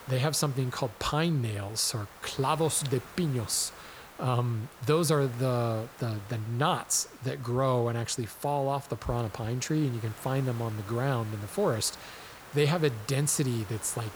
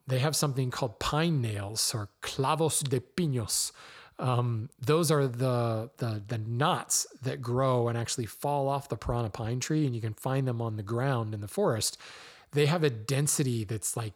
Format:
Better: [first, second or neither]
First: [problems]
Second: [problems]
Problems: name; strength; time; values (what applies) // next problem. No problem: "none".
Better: second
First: hiss; noticeable; throughout; 20 dB below the speech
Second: none